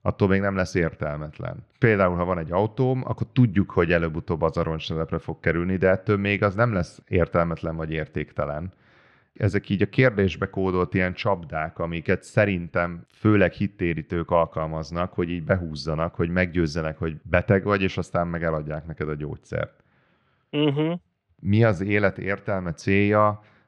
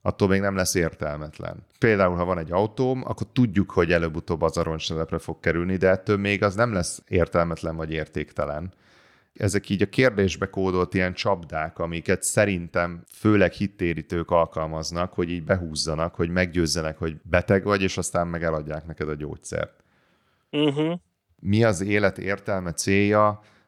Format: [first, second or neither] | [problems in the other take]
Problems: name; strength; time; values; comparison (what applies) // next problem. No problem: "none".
second | muffled; slightly; fading above 2.5 kHz